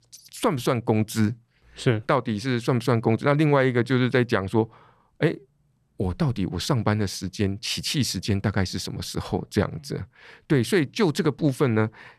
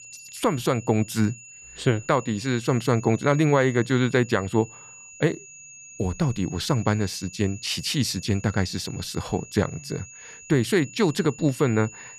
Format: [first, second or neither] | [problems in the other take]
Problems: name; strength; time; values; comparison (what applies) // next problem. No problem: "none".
first | high-pitched whine; noticeable; throughout; 7 kHz, 15 dB below the speech